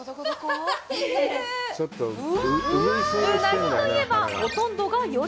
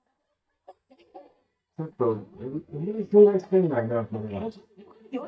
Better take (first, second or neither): first